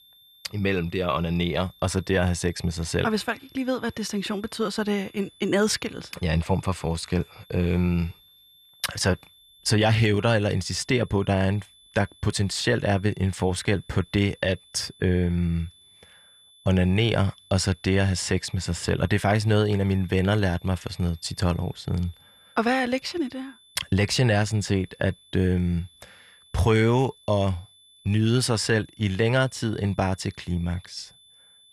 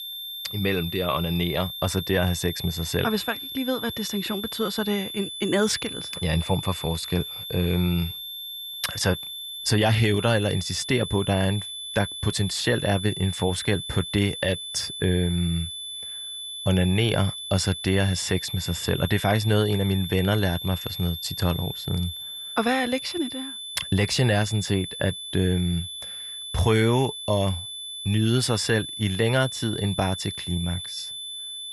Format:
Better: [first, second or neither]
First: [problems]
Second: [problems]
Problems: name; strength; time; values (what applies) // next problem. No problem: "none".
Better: first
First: high-pitched whine; faint; throughout; 3.5 kHz, 25 dB below the speech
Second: high-pitched whine; loud; throughout; 3.5 kHz, 7 dB below the speech